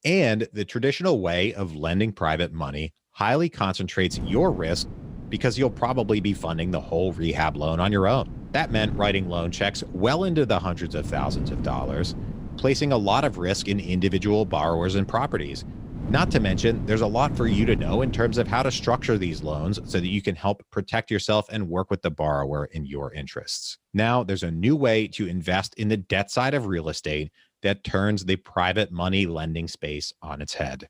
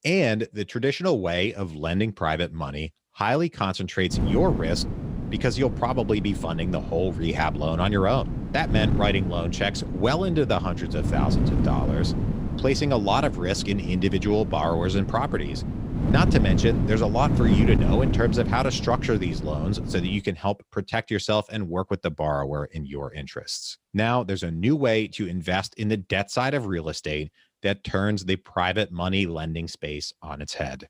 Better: first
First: wind noise on the microphone; occasional gusts; from 4 to 20 s; 15 dB below the speech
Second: wind noise on the microphone; heavy; from 4 to 20 s; 8 dB below the speech

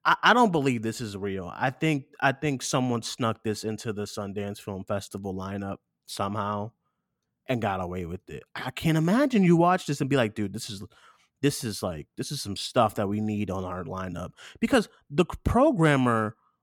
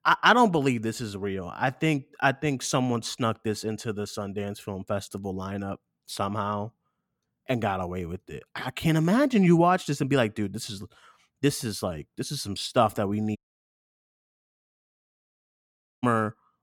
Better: first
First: none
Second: audio cutting out; at 13 s for 2.5 s

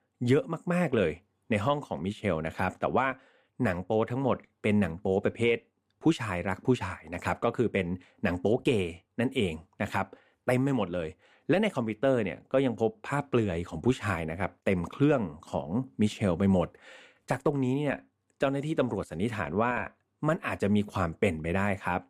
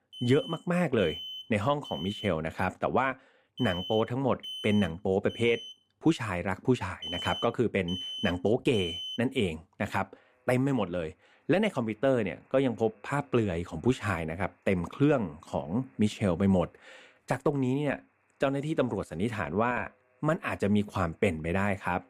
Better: first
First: none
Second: alarms or sirens; loud; throughout; 9 dB below the speech

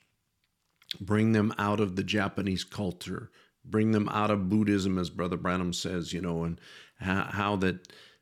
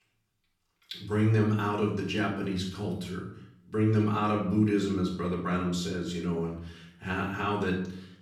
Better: first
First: none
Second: off-mic speech; far // room echo; noticeable; dies away in 0.5 s

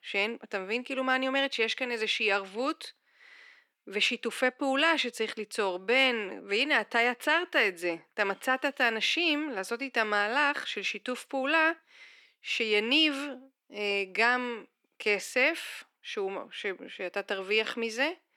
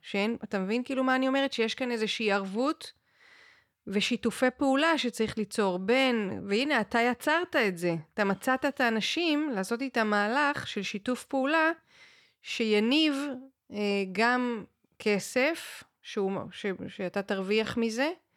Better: second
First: thin; very slightly; fading below 300 Hz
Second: none

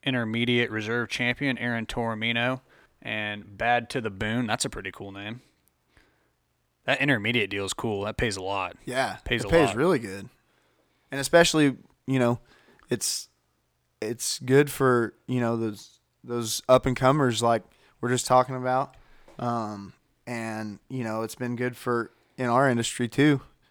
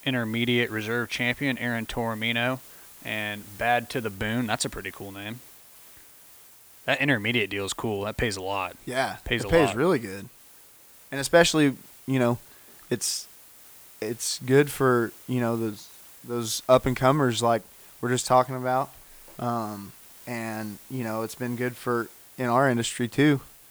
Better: first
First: none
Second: hiss; faint; throughout; 20 dB below the speech

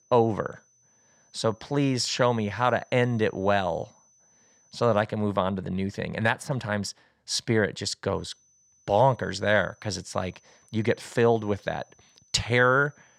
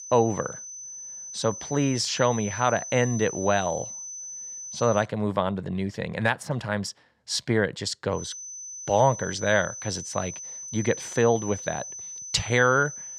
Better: first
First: high-pitched whine; faint; until 5 s and from 8 s on; 6 kHz, 35 dB below the speech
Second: high-pitched whine; loud; until 5 s and from 8 s on; 6 kHz, 9 dB below the speech

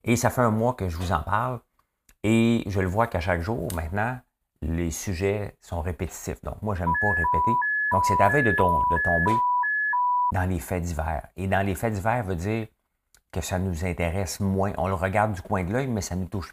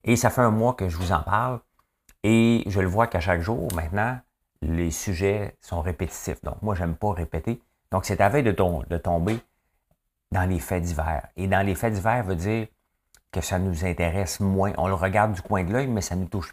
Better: second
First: alarm; loud; from 7 to 10 s; peak 4 dB above the speech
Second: none

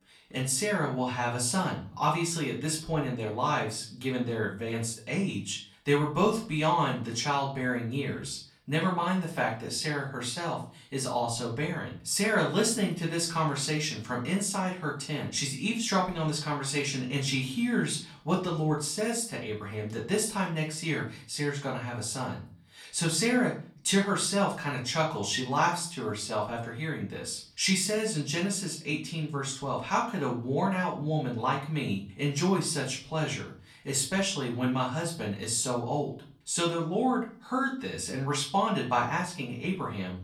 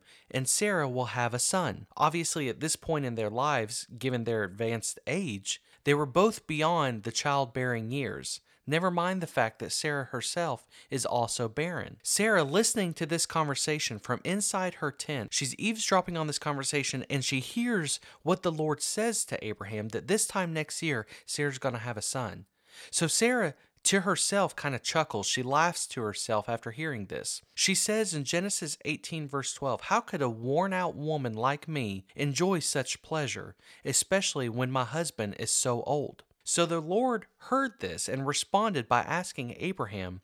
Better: second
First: off-mic speech; far // room echo; slight; dies away in 0.4 s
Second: none

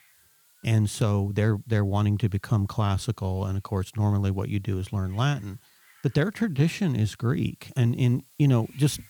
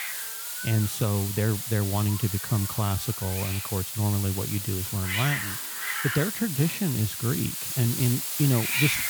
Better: first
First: hiss; faint; throughout; 30 dB below the speech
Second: hiss; loud; throughout; 2 dB below the speech

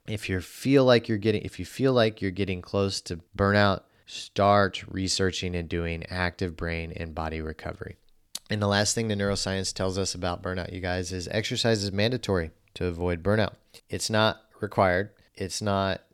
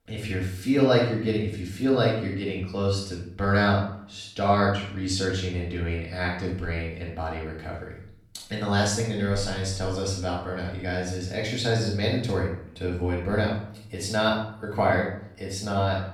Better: first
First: none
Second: off-mic speech; far // room echo; noticeable; dies away in 0.5 s

